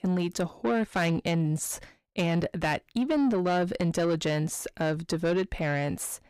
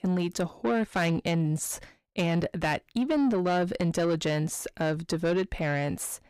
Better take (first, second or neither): neither